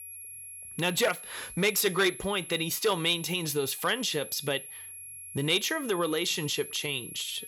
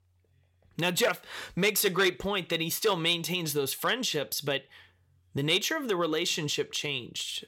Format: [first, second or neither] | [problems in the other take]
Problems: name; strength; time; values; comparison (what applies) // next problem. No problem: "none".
second | high-pitched whine; noticeable; throughout; 11 kHz, 10 dB below the speech